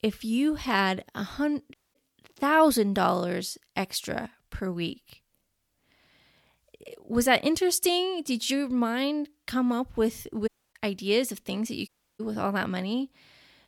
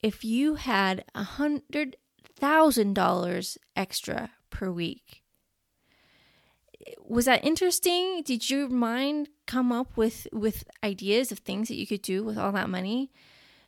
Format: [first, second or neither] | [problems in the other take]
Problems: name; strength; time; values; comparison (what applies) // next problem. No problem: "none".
second | audio cutting out; at 1.5 s, at 10 s and at 12 s